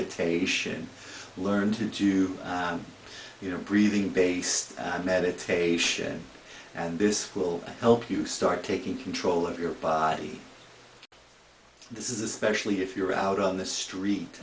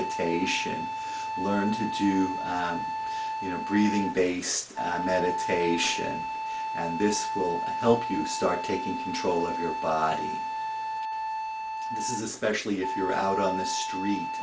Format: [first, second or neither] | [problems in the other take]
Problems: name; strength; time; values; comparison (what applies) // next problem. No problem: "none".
first | background sound (Wind instrument, woodwind instrument); 3 dB below the speech